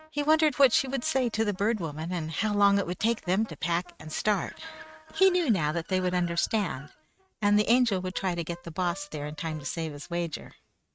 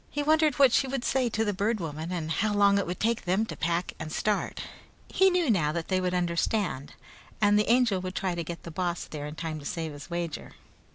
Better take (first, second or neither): second